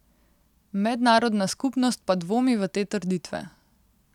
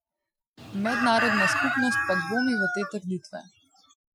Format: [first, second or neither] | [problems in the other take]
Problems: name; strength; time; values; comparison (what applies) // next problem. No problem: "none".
first | noise reduction (classical method Wiener filter)